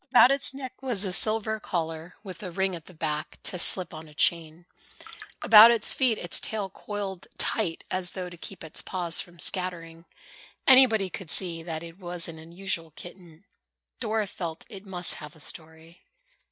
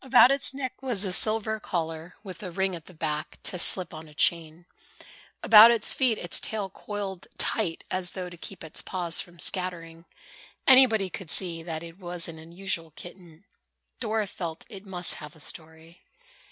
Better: second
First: noise reduction (neural mask model DeepFilterNet 3)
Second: none

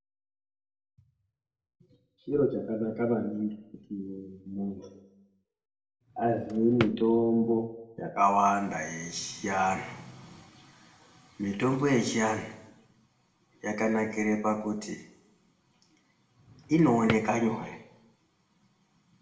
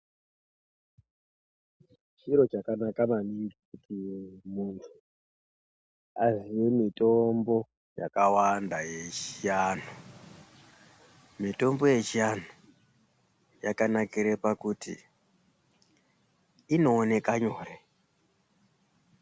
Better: second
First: background sound (Drawer open or close); 8 dB below the speech // room echo; dies away in 0.7 s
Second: none

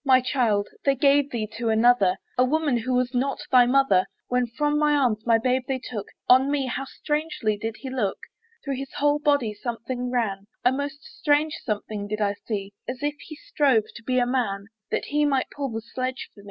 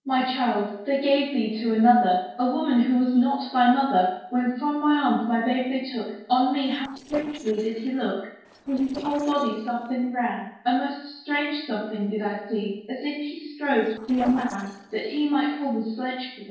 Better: first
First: none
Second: noise reduction (neural separator model SepFormer DNS4)

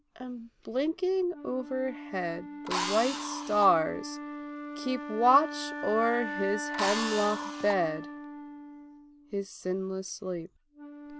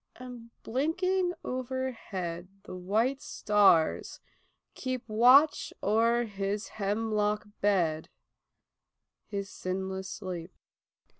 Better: second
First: background sound (Wind instrument, woodwind instrument + Drill); 7 dB below the speech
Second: none

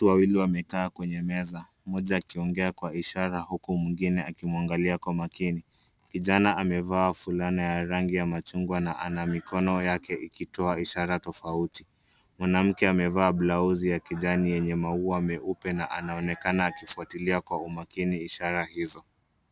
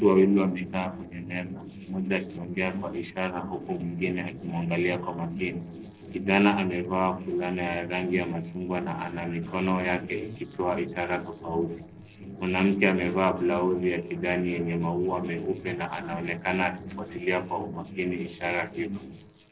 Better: first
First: none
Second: noise reduction (neural separator model SepFormer DNS4)

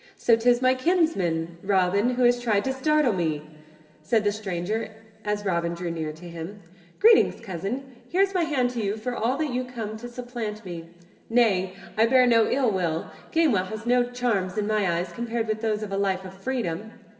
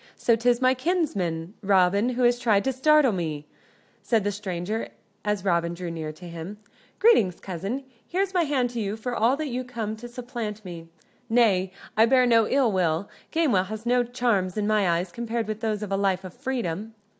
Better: second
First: room echo; dies away in 1.7 s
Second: none

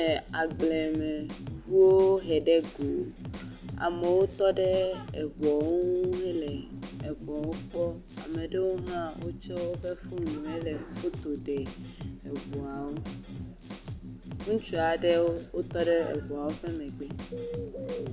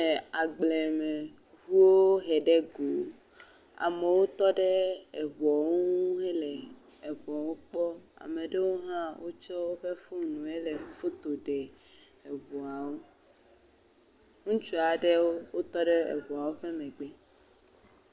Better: second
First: background sound (Drum kit + Bird); 10 dB below the speech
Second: none

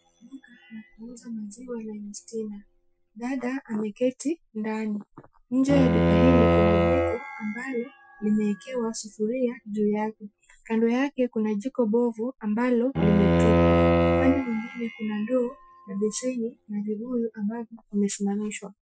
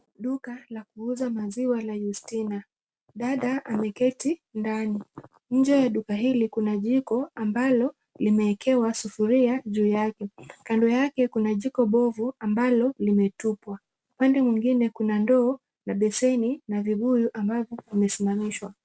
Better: second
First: noise reduction (classical method Wiener filter)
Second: none

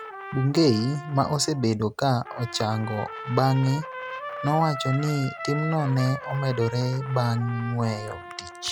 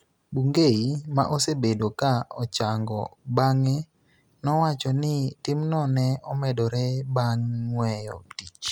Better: second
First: background sound (Trumpet); 12 dB below the speech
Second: none

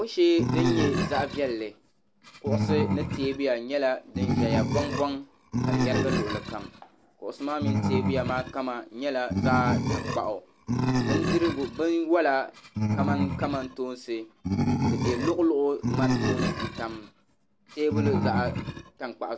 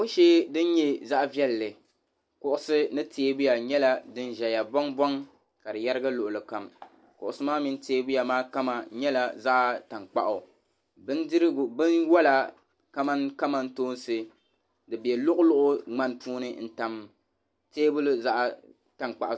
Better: second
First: background sound (Animal); as loud as the speech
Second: none

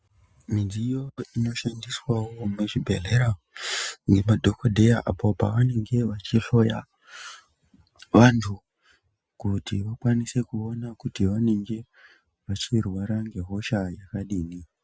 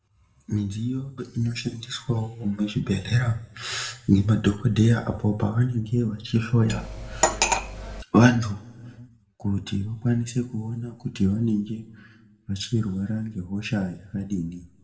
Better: first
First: none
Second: background sound (Cutlery, silverware); 1 dB below the speech // room echo; dies away in 0.8 s

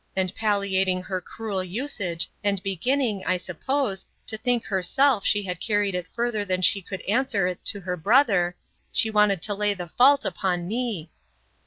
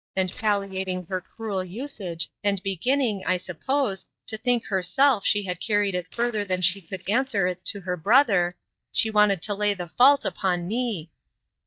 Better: first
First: none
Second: noise reduction (neural mask model DeepFilterNet 3)

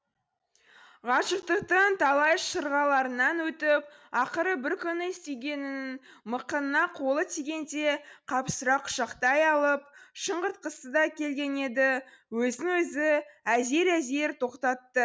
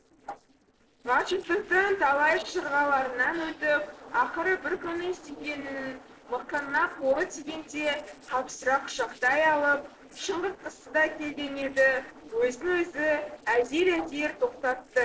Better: first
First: none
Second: noise reduction (neural separator model SepFormer DNS4)

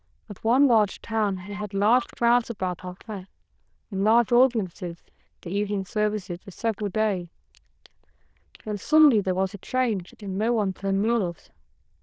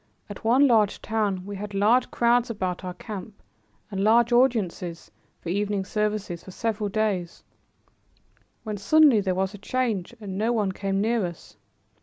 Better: second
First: noise reduction (neural diffusion model UNIVERSE++)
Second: none

